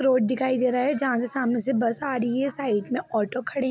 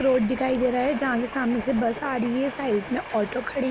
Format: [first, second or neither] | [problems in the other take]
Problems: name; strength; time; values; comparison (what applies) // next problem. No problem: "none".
first | background sound (Train); 13 dB below the speech